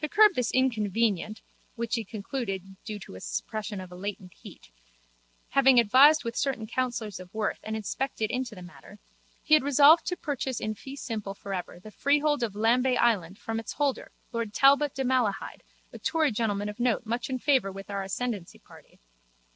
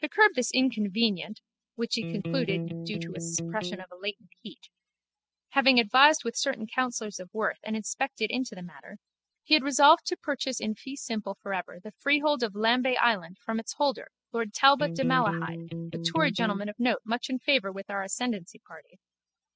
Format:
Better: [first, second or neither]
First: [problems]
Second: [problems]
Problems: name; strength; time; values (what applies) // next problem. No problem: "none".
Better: first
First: none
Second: noise reduction (classical method spectral subtraction)